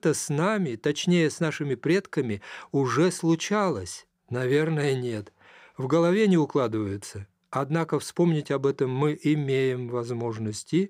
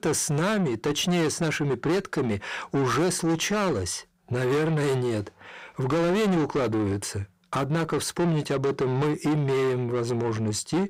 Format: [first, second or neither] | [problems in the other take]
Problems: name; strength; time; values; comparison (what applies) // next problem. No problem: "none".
first | distortion; heavy; 7 dB below the speech